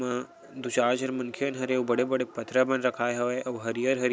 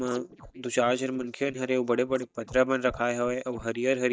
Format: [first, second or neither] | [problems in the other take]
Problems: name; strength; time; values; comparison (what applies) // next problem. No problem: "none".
first | noise reduction (neural mask model DeepFilterNet 3)